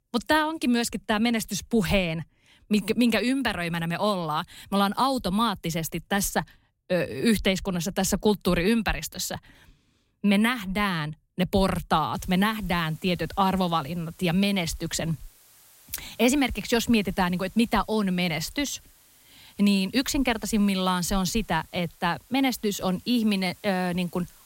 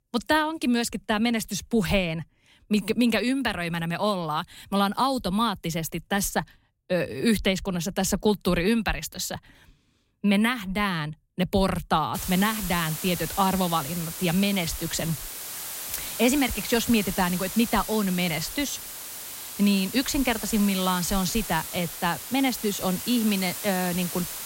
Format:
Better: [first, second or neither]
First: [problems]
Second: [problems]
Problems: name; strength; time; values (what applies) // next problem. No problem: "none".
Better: first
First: hiss; faint; from 12 s on; 25 dB below the speech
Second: hiss; loud; from 12 s on; 7 dB below the speech